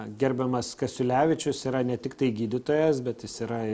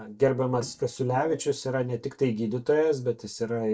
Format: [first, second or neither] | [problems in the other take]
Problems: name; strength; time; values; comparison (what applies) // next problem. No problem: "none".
first | noise reduction (neural mask model DeepFilterNet 3)